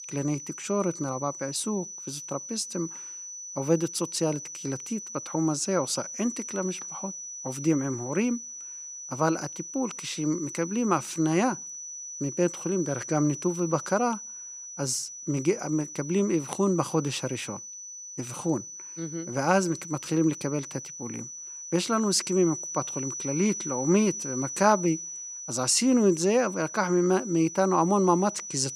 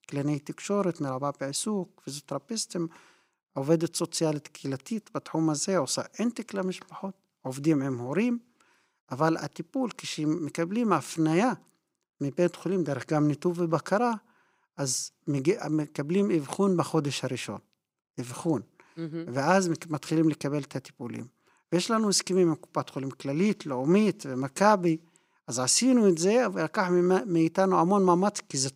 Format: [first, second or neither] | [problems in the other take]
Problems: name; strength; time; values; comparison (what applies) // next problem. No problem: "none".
second | high-pitched whine; loud; throughout; 6 kHz, 9 dB below the speech